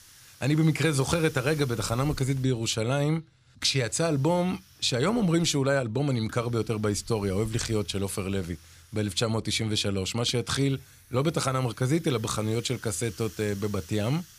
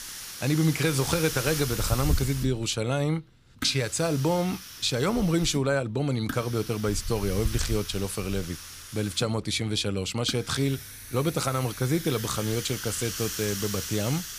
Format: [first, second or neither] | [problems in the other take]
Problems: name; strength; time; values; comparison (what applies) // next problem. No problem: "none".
first | hiss; loud; throughout; 8 dB below the speech; faint in the first